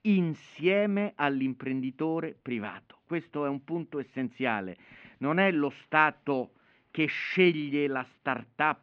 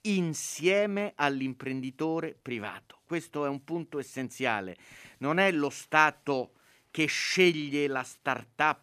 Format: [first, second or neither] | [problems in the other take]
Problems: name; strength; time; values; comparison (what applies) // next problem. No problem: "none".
second | muffled; very; fading above 3 kHz